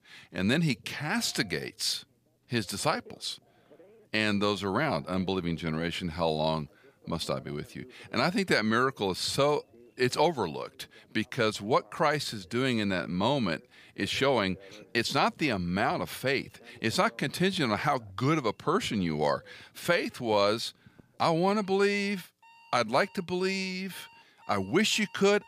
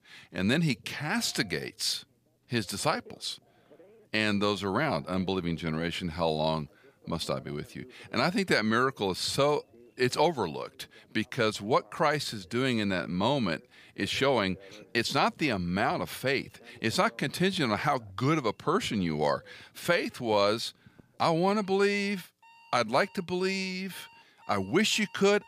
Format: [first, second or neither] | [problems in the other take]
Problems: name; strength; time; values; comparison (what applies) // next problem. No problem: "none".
neither | alarms or sirens; faint; throughout; 30 dB below the speech; the same in both